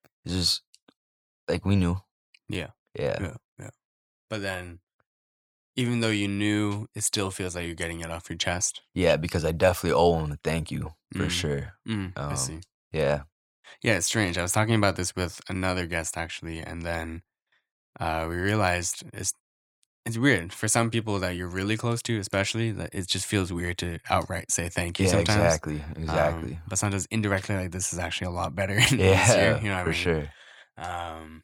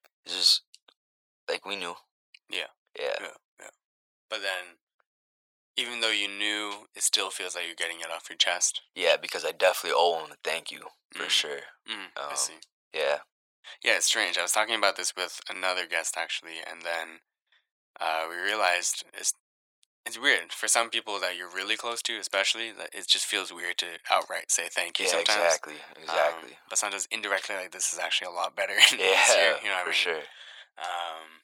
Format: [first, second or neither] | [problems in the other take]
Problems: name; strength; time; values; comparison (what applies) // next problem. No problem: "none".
first | thin; very; fading below 550 Hz